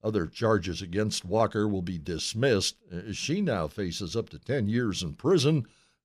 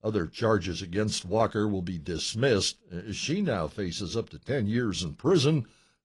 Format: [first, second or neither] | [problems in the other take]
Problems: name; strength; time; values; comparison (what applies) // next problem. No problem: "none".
first | garbled, watery; slightly; nothing above 10.5 kHz